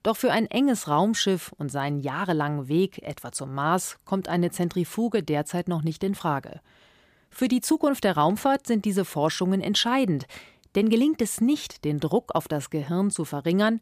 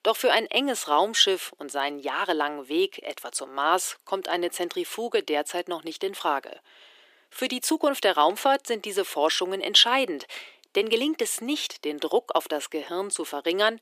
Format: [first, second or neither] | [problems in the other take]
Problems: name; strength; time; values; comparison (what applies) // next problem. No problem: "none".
first | thin; somewhat; fading below 350 Hz